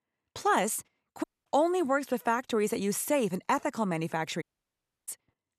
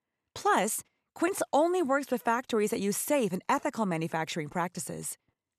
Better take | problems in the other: second | audio cutting out; at 1 s and at 4.5 s for 0.5 s

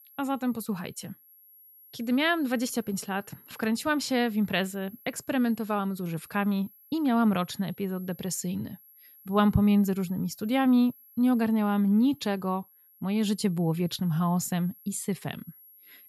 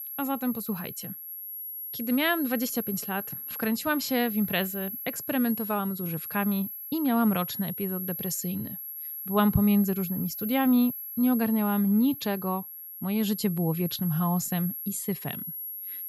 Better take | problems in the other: first | high-pitched whine; loud; throughout; 11.5 kHz, 7 dB below the speech; faint in the first

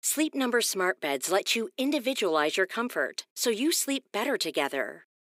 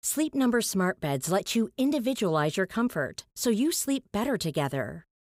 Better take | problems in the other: second | thin; very slightly; fading below 300 Hz

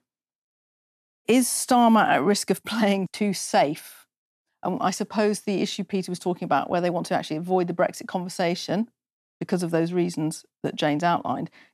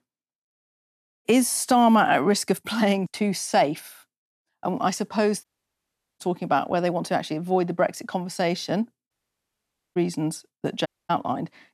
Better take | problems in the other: first | audio cutting out; at 5.5 s for 1 s, at 9 s for 1 s and at 11 s

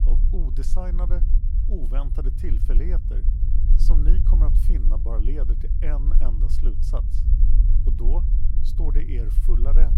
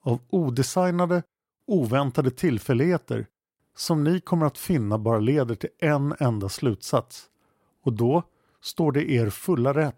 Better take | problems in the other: second | low rumble; loud; throughout; 5 dB below the speech

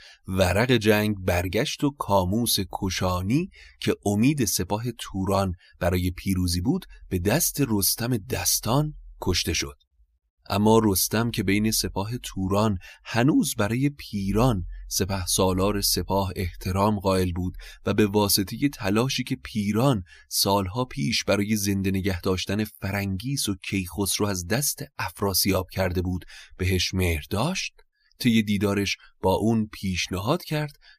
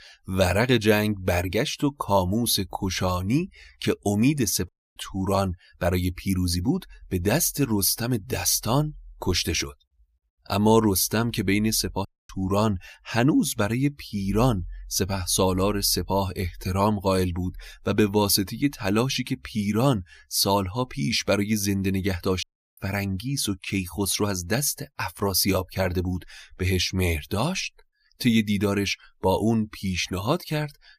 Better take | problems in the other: first | audio cutting out; at 4.5 s, at 12 s and at 22 s

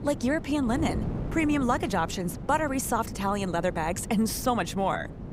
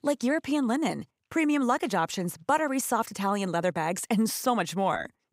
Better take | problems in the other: second | wind noise on the microphone; occasional gusts; 15 dB below the speech

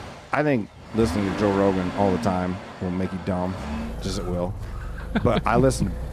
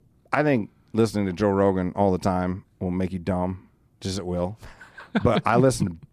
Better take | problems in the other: second | traffic noise; loud; throughout; 9 dB below the speech

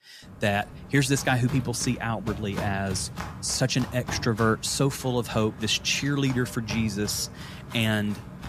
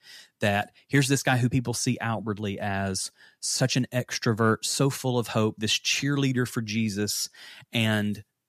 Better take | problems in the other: second | footsteps; noticeable; peak 7 dB below the speech

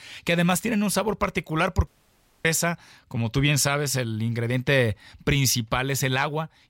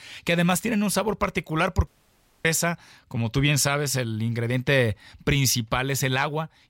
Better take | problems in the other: neither | audio cutting out; at 2 s for 0.5 s; the same in both

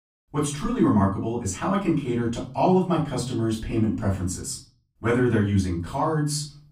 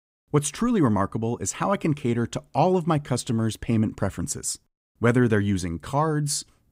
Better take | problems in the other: second | off-mic speech; far // room echo; slight; dies away in 0.4 s

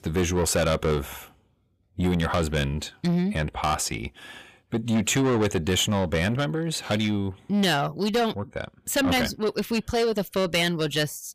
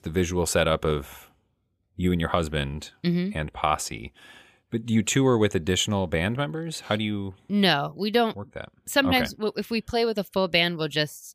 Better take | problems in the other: second | distortion; heavy; 8 dB below the speech

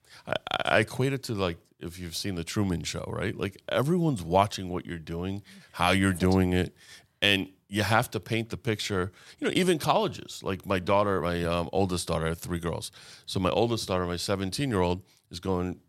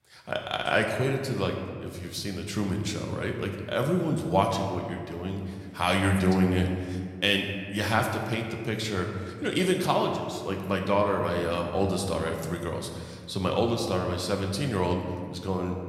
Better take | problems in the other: first | room echo; slight; dies away in 1.6 s

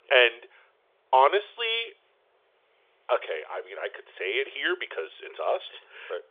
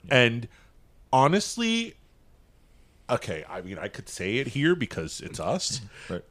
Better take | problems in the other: second | phone-call audio; nothing above 3.5 kHz

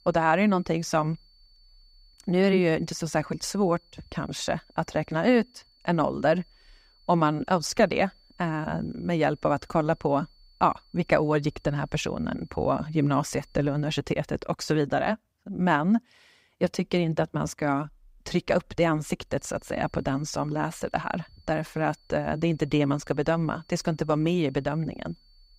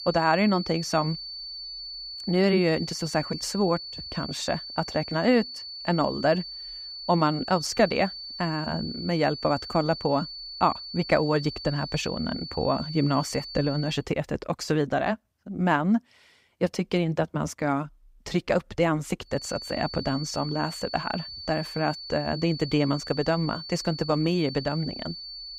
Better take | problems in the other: first | high-pitched whine; loud; until 14 s and from 19 s on; 4.5 kHz, 9 dB below the speech; faint in the first

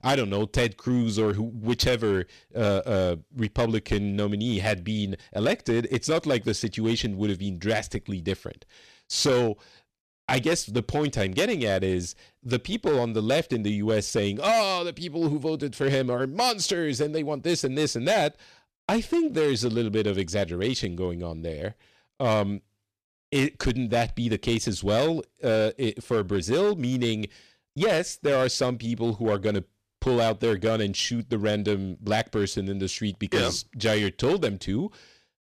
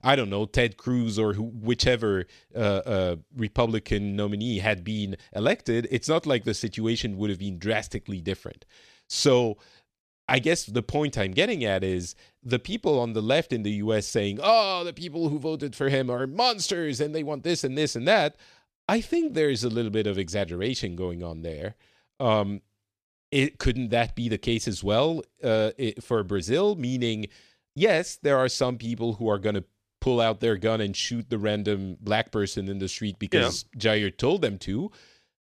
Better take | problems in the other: second | distortion; slight; 6% of the sound clipped

